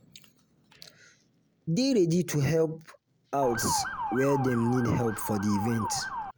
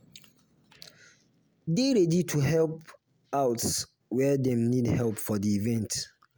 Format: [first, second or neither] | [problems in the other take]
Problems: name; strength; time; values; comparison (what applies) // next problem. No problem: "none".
second | background sound (Motor vehicle (road) / Siren); 5 dB below the speech